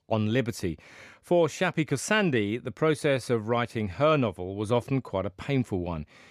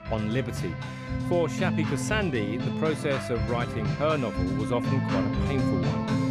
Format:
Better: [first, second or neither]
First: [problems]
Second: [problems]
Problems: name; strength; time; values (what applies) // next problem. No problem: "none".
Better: first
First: none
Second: background music; very loud; throughout; as loud as the speech